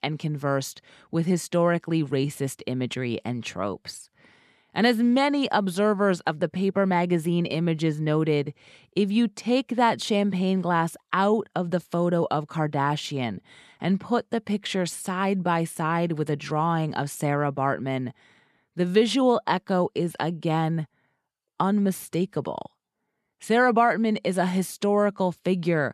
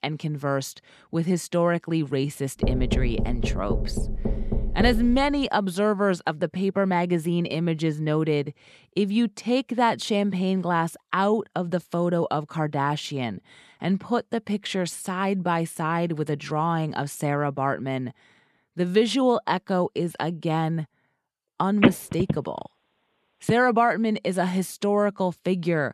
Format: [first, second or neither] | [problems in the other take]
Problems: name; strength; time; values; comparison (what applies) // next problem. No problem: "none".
first | door banging; noticeable; from 2.5 to 5.5 s; peak 1 dB below the speech // phone ringing; loud; from 22 to 24 s; peak 4 dB above the speech